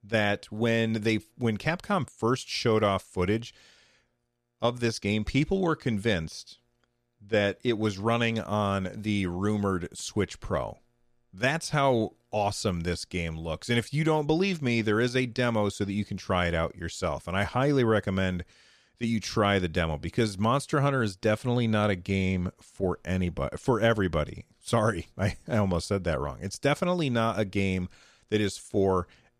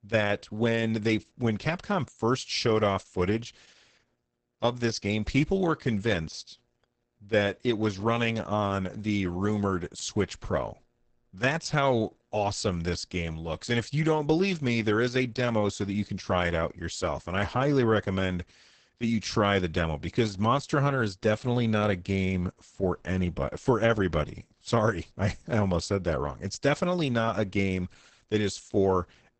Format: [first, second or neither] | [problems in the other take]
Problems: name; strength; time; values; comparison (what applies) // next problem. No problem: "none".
first | garbled, watery; badly; nothing above 8 kHz